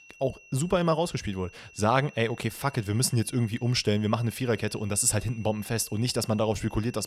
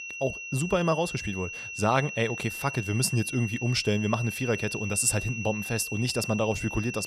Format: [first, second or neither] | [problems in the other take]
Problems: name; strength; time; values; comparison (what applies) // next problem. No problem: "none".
first | high-pitched whine; loud; throughout; 2.5 kHz, 7 dB below the speech; faint in the first